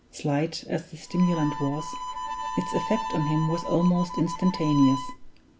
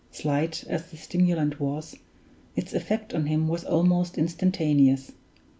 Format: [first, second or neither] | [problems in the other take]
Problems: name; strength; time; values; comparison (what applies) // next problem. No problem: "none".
second | background sound (Harmonica); 8 dB below the speech